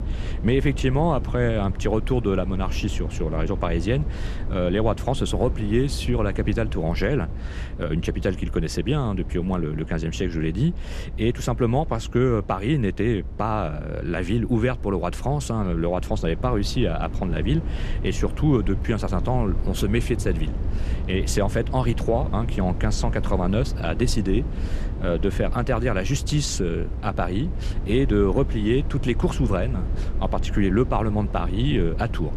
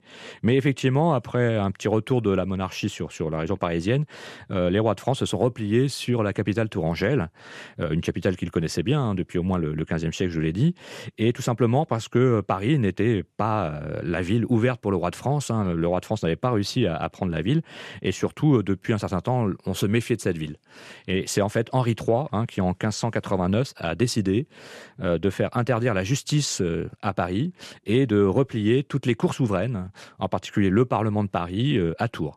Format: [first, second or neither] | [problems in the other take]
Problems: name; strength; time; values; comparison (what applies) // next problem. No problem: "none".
second | low rumble; noticeable; throughout; 15 dB below the speech